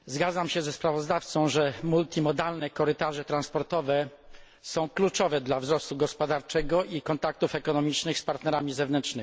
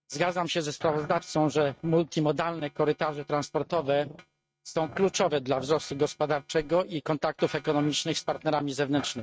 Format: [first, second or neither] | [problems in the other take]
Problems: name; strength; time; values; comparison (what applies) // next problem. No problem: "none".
first | noise reduction (neural mask model RNNoise)